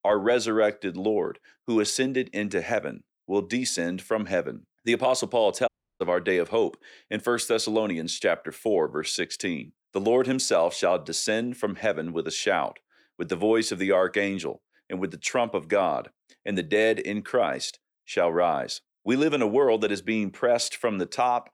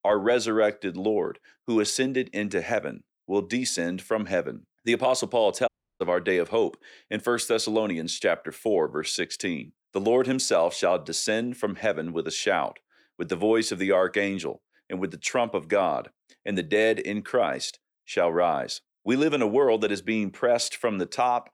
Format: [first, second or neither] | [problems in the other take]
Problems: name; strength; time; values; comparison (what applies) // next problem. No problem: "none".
neither | audio cutting out; at 5.5 s; the same in both